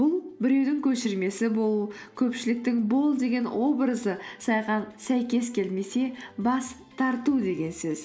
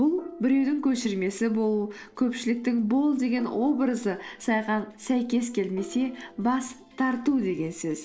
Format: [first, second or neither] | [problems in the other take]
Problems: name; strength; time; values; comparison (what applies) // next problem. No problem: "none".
first | noise reduction (neural separator model SepFormer DNS4)